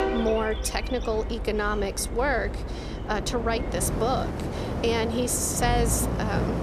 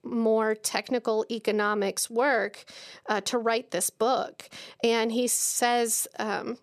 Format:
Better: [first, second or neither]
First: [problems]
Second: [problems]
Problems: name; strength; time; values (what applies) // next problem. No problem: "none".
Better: second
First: train or aircraft noise; loud; throughout; 4 dB below the speech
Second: none